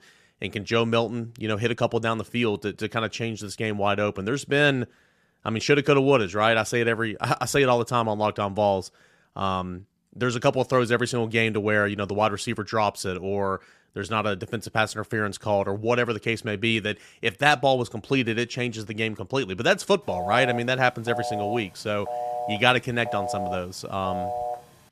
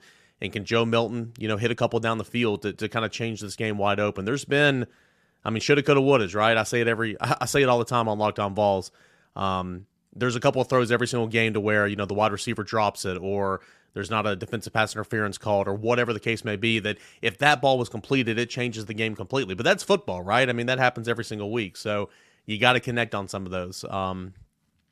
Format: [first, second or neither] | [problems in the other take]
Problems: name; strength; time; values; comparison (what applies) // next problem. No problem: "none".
second | phone ringing; noticeable; from 20 s on; peak 5 dB below the speech